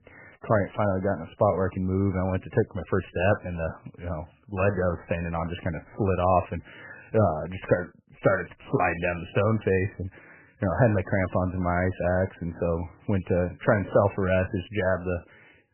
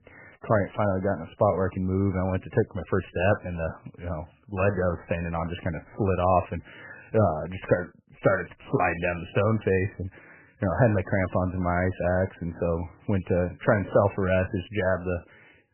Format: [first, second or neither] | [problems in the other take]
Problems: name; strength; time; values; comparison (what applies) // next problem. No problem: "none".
neither | garbled, watery; badly; nothing above 3 kHz; the same in both